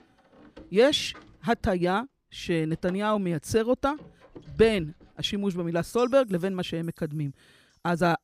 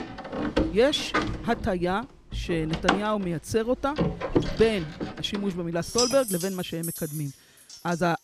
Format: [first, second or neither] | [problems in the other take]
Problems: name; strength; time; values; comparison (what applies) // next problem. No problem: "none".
first | household noises; loud; throughout; 3 dB below the speech; faint in the first